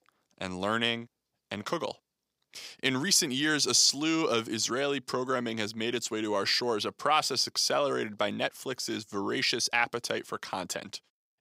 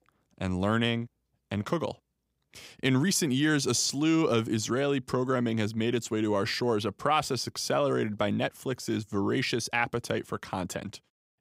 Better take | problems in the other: second | thin; very slightly; fading below 500 Hz

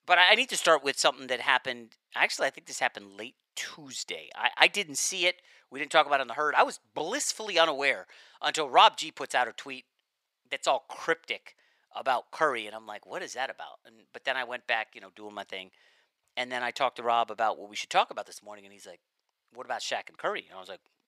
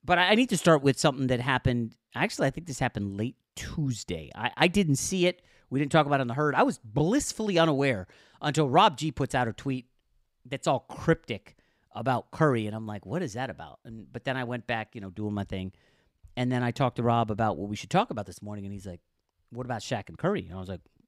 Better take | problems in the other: second | thin; very; fading below 700 Hz

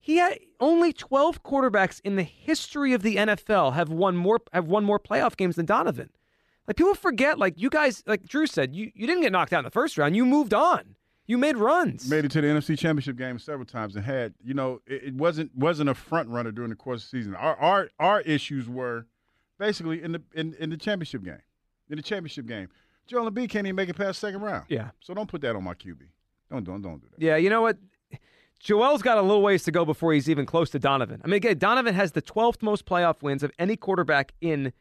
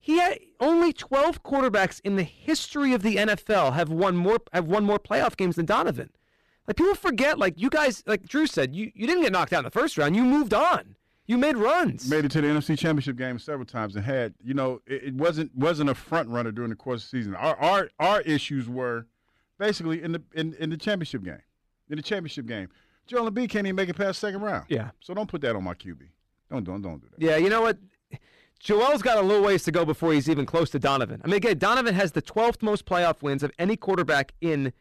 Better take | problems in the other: first | distortion; slight; 7% of the sound clipped

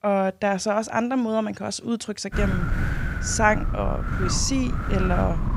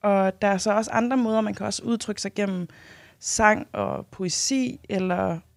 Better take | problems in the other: second | wind noise on the microphone; heavy; from 2.5 s on; 7 dB below the speech

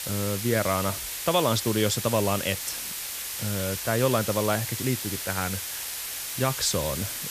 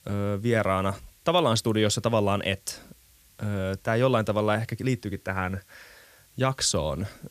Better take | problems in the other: second | hiss; loud; throughout; 4 dB below the speech; faint in the second

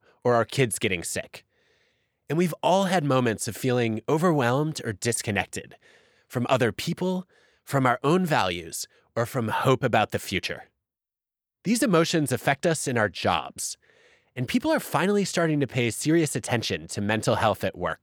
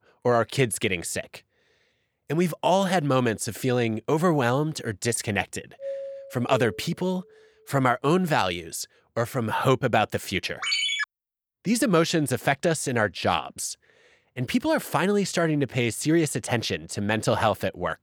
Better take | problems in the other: first | doorbell; noticeable; from 6 to 7 s; peak 9 dB below the speech // phone ringing; loud; at 11 s; peak 2 dB above the speech

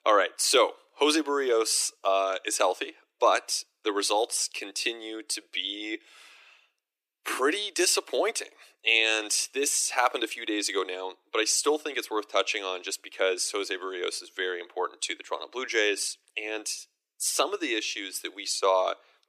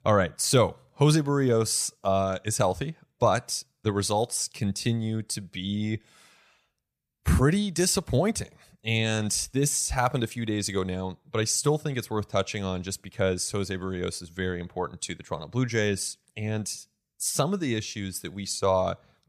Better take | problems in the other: second | thin; very; fading below 300 Hz

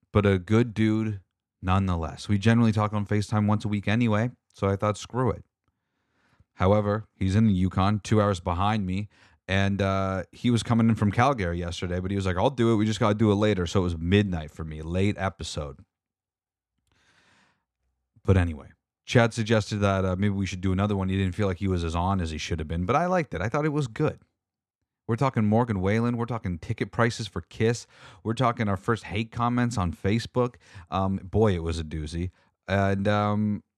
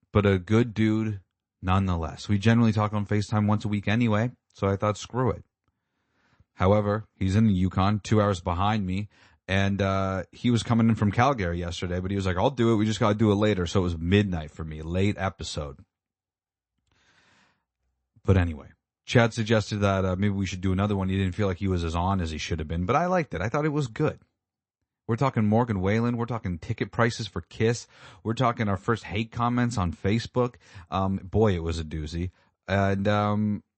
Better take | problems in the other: first | garbled, watery; slightly; nothing above 8 kHz

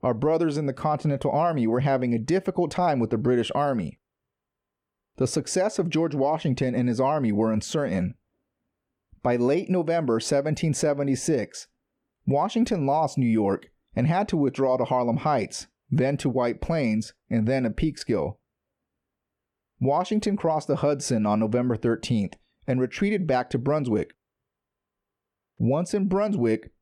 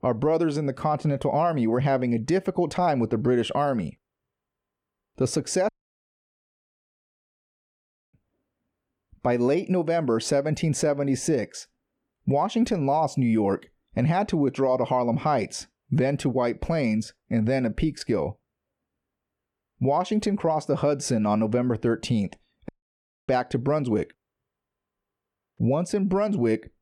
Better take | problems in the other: first | audio cutting out; at 5.5 s for 2.5 s and at 23 s for 0.5 s

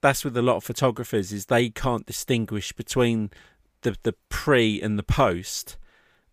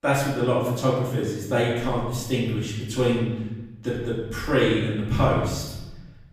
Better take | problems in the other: first | off-mic speech; far // room echo; noticeable; dies away in 1.1 s

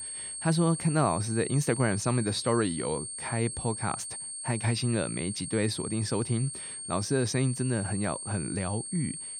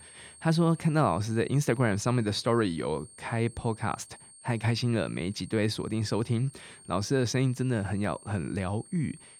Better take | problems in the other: second | high-pitched whine; loud; throughout; 8.5 kHz, 6 dB below the speech; faint in the second

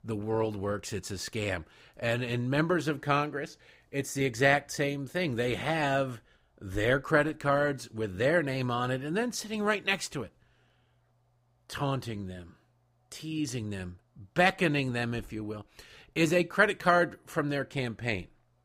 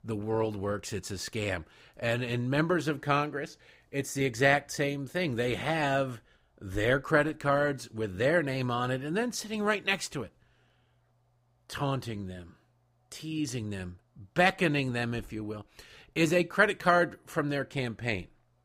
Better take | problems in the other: neither | none

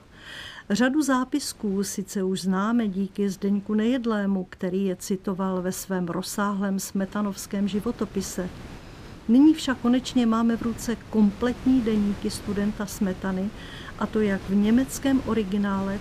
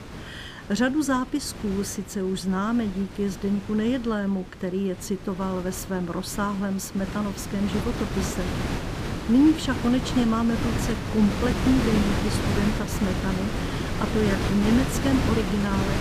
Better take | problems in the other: first | wind noise on the microphone; heavy; 3 dB below the speech; occasional gusts in the first

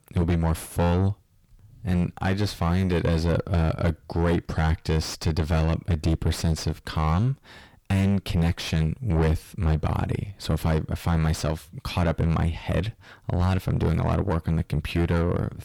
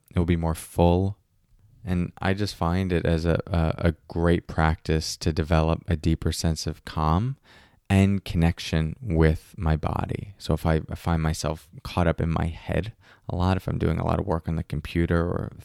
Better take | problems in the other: second | distortion; heavy; 7 dB below the speech

